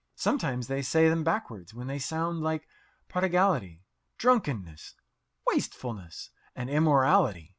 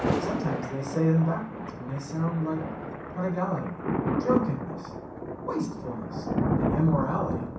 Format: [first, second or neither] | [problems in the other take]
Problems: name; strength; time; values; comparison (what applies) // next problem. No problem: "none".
first | background sound (Thunder); 1 dB below the speech // room echo; dies away in 0.6 s